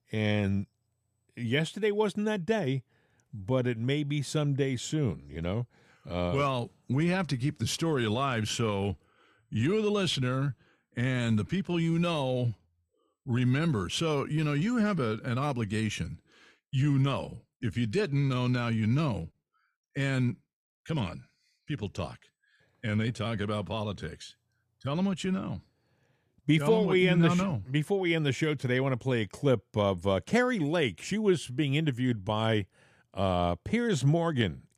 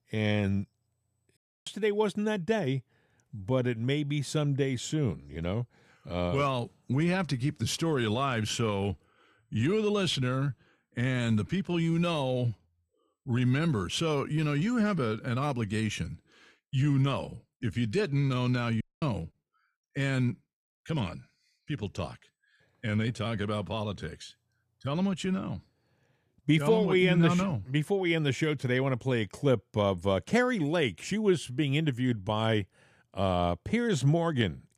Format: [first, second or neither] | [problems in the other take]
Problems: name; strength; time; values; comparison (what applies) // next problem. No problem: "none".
first | audio cutting out; at 1.5 s and at 19 s